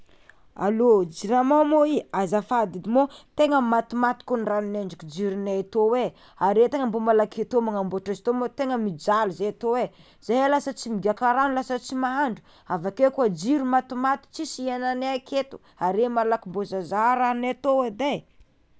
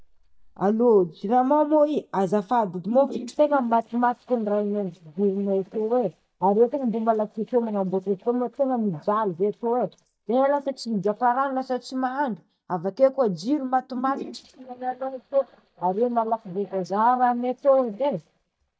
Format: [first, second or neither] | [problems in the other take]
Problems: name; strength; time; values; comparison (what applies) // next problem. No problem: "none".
first | noise reduction (neural mask model DeepFilterNet 3)